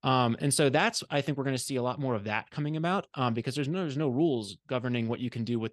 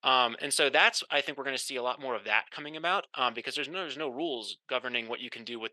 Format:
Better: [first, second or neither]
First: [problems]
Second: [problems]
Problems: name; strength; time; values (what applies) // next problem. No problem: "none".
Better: first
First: none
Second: thin; very; fading below 500 Hz